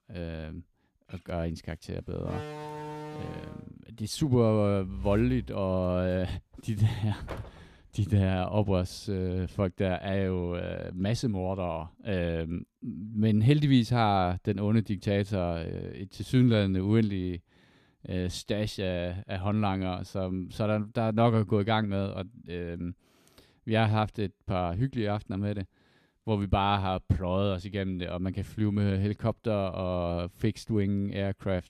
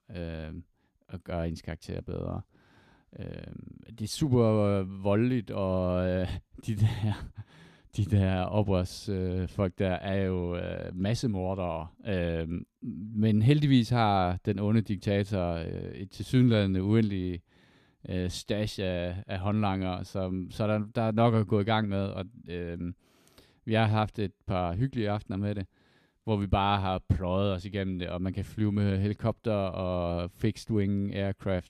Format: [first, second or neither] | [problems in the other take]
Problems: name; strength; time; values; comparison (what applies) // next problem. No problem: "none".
second | door banging; noticeable; from 2 to 7.5 s; peak 10 dB below the speech